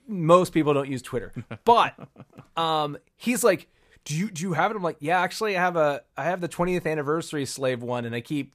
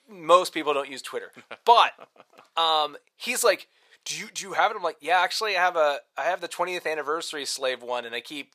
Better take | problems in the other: first | thin; very; fading below 650 Hz

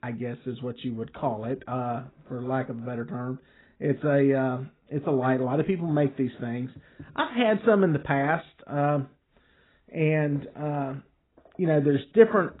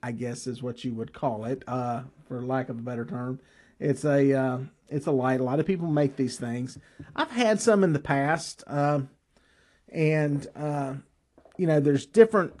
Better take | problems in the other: second | garbled, watery; badly; nothing above 4 kHz; slightly in the second

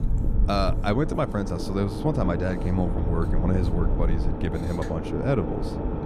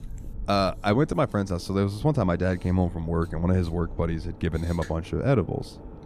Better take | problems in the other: second | low rumble; loud; throughout; 6 dB below the speech; faint in the second

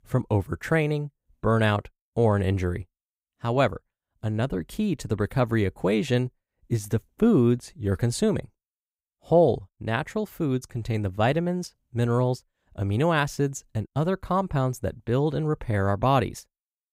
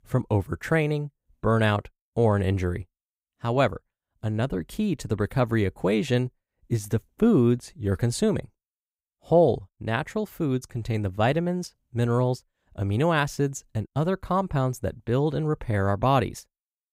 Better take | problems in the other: neither | none

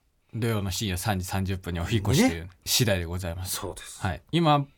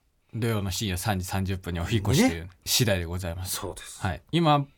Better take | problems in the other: neither | none

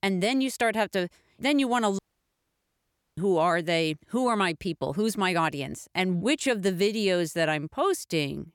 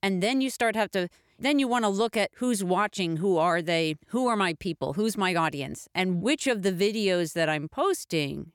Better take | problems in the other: second | audio cutting out; at 2 s for 1 s

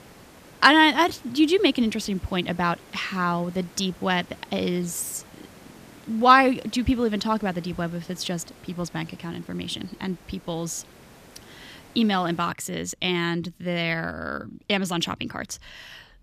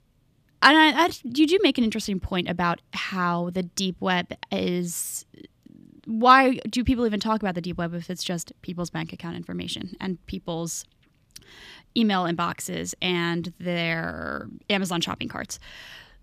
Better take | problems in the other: second | hiss; faint; until 13 s; 25 dB below the speech

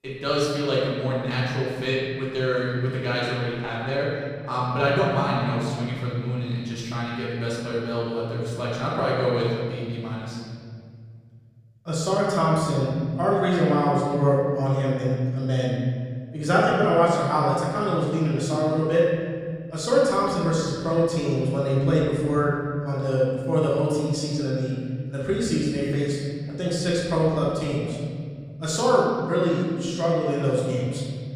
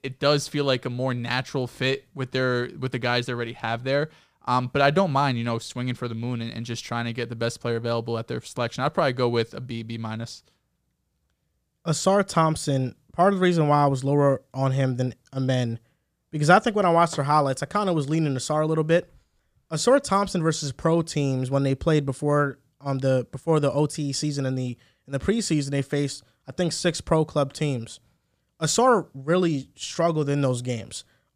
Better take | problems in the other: second | room echo; strong; dies away in 2.1 s // off-mic speech; far

